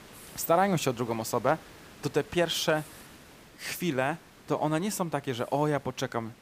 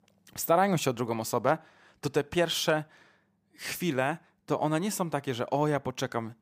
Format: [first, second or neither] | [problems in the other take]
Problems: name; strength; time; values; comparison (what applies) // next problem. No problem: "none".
second | hiss; faint; throughout; 20 dB below the speech